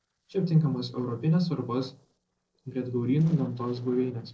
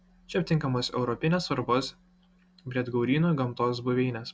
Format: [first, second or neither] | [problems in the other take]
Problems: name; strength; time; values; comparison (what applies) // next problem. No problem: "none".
second | noise reduction (neural separator model SepFormer DNS4)